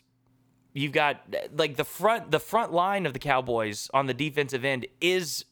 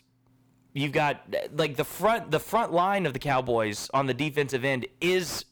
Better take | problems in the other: first | distortion; slight; 10 dB below the speech

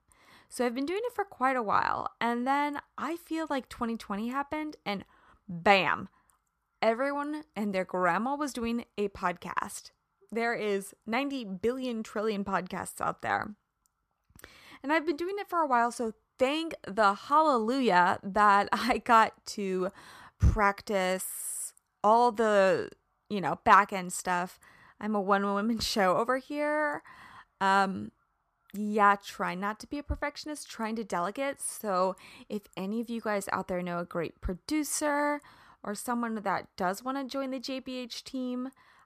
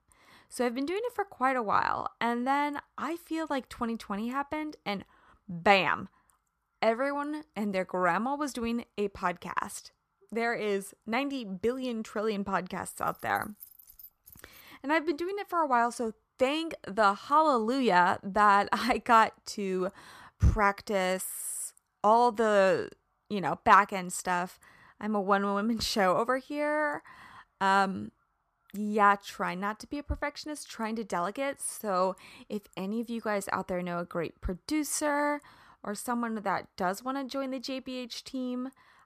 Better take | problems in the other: first | jangling keys; faint; from 13 to 15 s; peak 20 dB below the speech

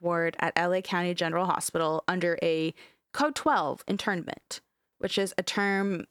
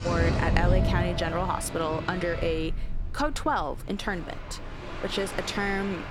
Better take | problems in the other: first | rain or running water; loud; throughout; 2 dB below the speech

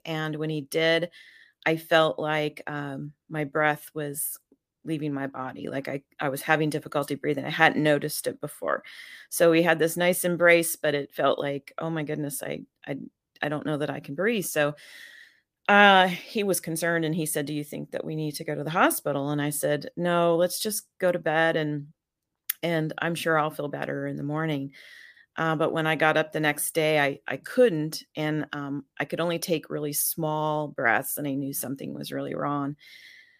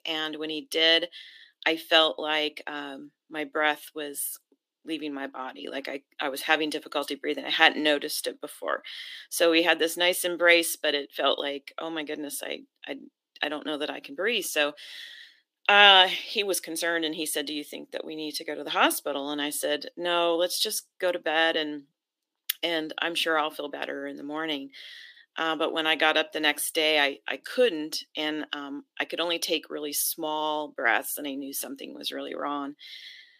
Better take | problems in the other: first | thin; very slightly; fading below 300 Hz

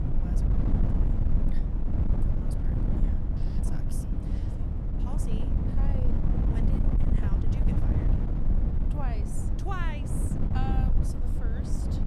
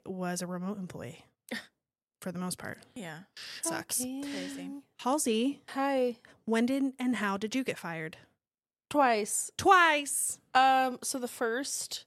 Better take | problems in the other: second | wind noise on the microphone; heavy; 3 dB above the speech

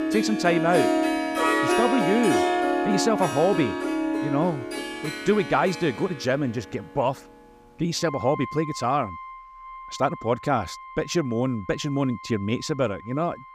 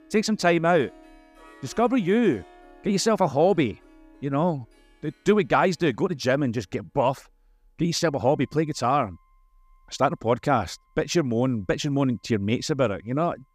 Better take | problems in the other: second | background music; loud; throughout; 1 dB below the speech; faint in the second

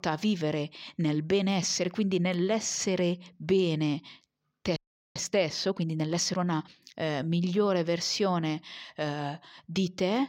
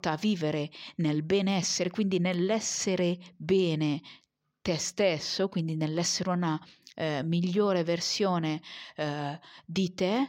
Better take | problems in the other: second | audio freezing; at 5 s

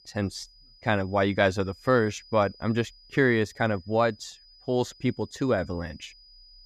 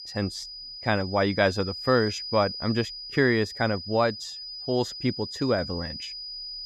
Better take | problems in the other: first | high-pitched whine; loud; throughout; 5 kHz, 9 dB below the speech; faint in the first

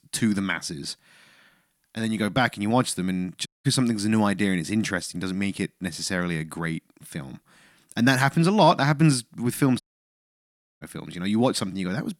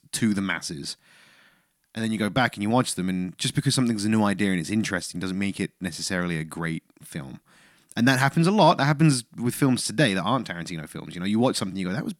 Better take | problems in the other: second | audio cutting out; at 3.5 s and at 10 s for 1 s

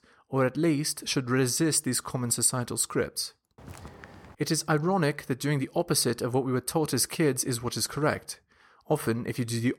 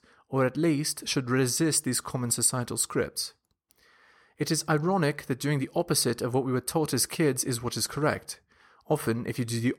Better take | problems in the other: second | footsteps; faint; at 3.5 s; peak 20 dB below the speech

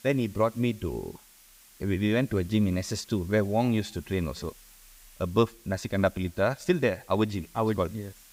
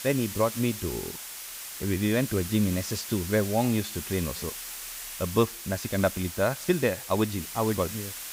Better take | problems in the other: first | hiss; loud; throughout; 8 dB below the speech; faint in the first

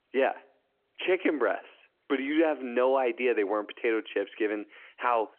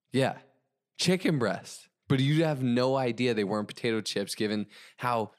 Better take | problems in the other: second | phone-call audio

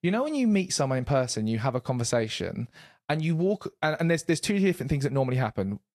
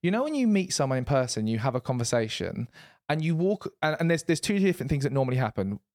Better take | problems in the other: second | garbled, watery; slightly; nothing above 12.5 kHz

